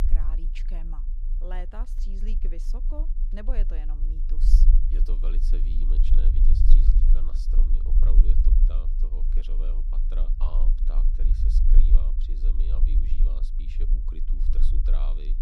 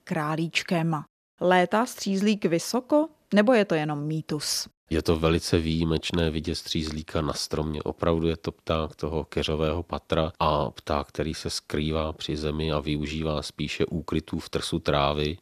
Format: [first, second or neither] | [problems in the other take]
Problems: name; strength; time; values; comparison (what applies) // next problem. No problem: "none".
second | low rumble; loud; throughout; 2 dB below the speech